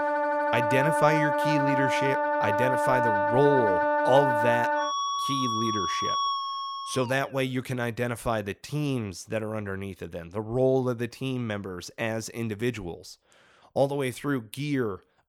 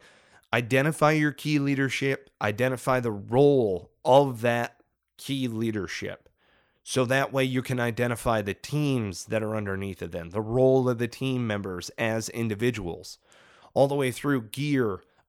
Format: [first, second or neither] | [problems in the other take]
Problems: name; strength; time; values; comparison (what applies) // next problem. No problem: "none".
second | background music; very loud; until 7 s; 3 dB above the speech